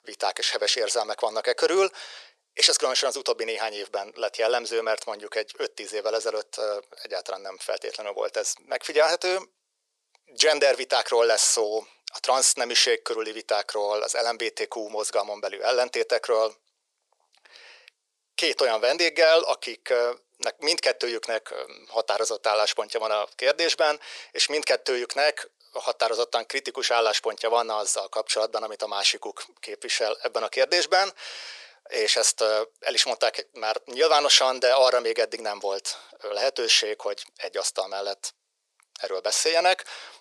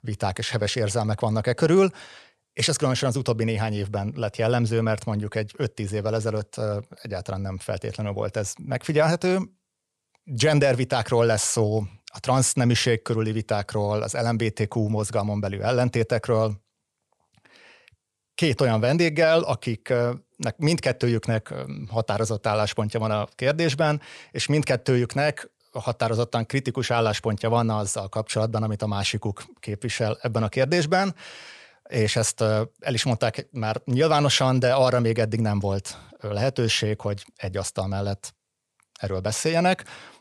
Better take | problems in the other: second | thin; very; fading below 400 Hz

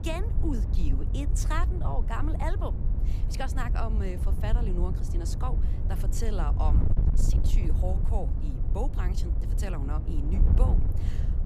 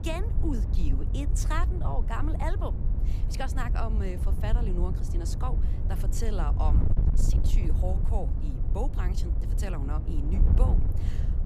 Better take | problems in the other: neither | wind noise on the microphone; heavy; 6 dB below the speech; the same in both

